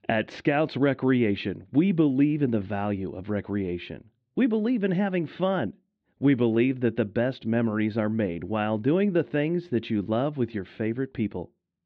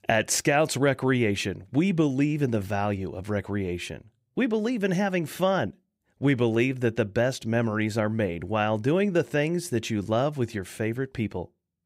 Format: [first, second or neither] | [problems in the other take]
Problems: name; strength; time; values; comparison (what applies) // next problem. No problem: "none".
second | muffled; very; fading above 4 kHz